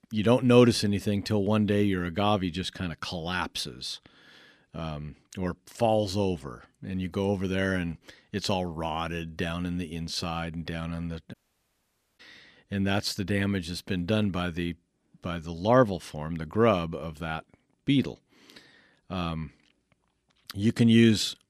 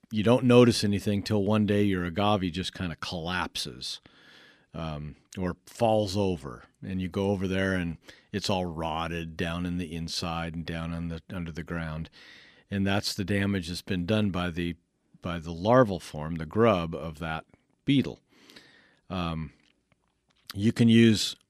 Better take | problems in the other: second | audio cutting out; at 11 s for 1 s

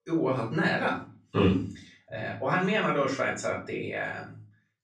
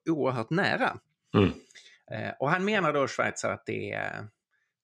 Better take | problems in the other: second | off-mic speech; far // room echo; slight; dies away in 0.4 s

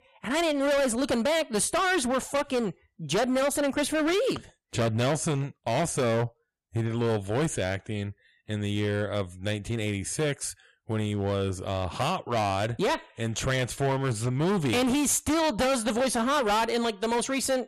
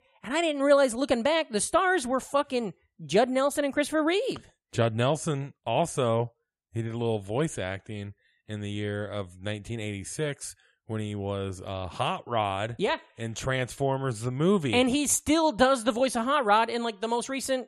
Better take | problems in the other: second | distortion; heavy; 18% of the sound clipped

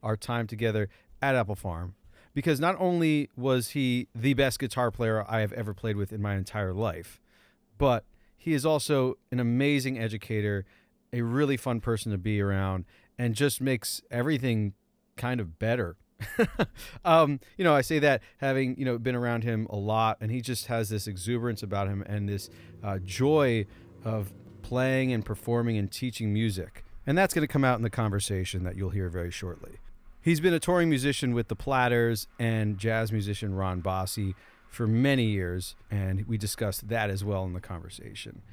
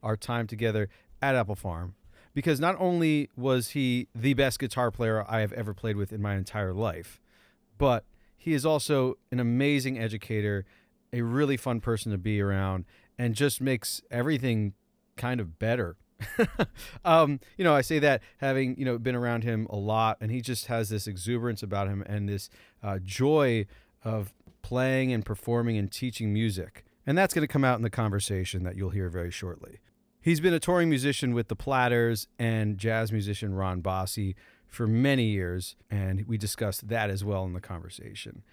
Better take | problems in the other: second | traffic noise; faint; from 20 s on; 30 dB below the speech

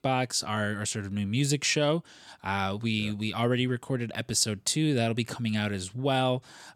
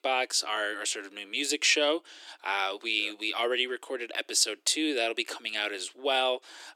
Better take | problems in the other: first | thin; very; fading below 300 Hz

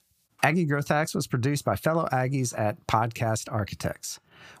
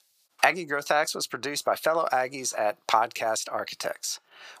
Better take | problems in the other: first | thin; very; fading below 600 Hz

